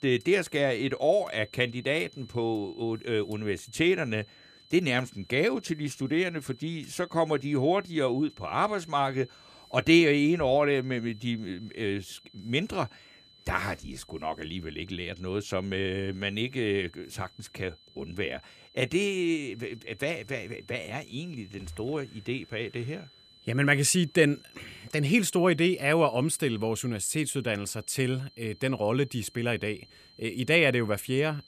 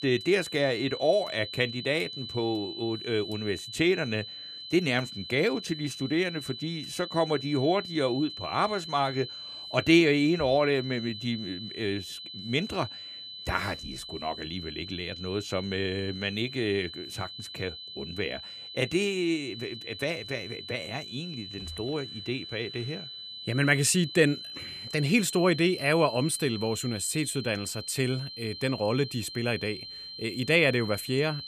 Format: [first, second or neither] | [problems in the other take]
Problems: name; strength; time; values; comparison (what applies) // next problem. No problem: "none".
first | high-pitched whine; loud; throughout; 4 kHz, 10 dB below the speech; faint in the first